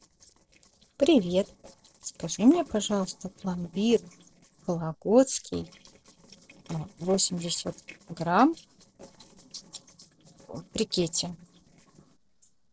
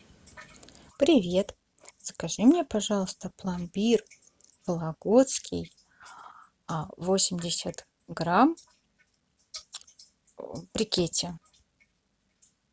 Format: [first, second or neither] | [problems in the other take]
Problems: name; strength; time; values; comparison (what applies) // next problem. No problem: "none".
second | noise reduction (neural separator model SepFormer DNS4)